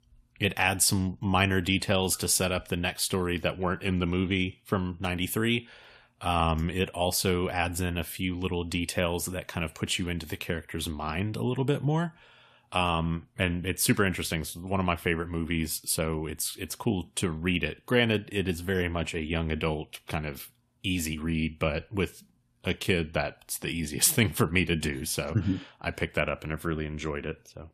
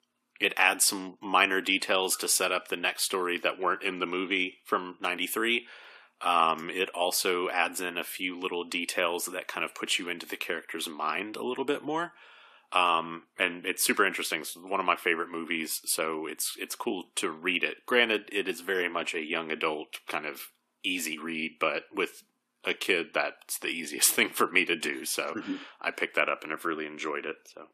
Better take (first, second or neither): first